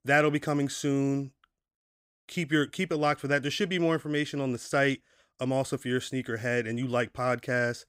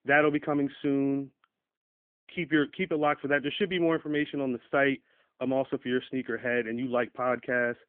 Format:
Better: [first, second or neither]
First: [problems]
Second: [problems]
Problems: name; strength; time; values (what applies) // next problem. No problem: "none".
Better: first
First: none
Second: phone-call audio; nothing above 3.5 kHz